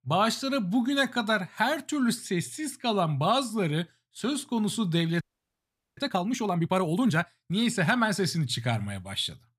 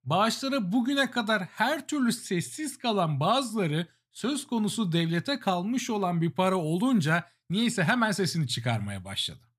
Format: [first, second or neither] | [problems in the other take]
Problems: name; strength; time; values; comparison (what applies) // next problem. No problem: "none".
second | audio freezing; at 5 s for 1 s